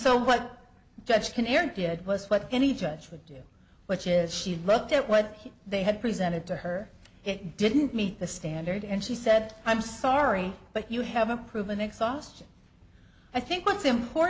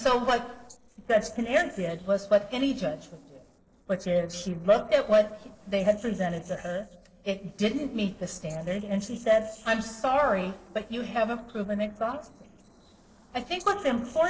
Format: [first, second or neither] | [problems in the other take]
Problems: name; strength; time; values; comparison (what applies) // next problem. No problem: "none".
first | noise reduction (neural separator model SepFormer DNS4)